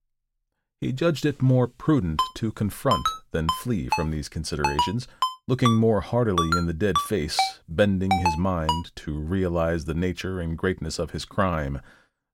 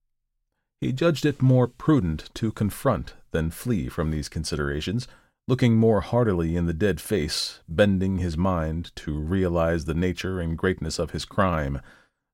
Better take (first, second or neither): second